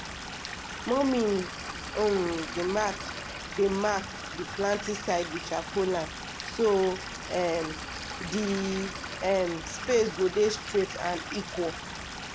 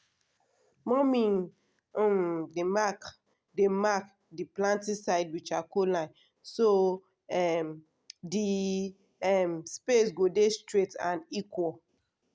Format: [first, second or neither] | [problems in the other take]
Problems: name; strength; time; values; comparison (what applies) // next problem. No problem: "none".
second | background sound (Stream / Liquid); 8 dB below the speech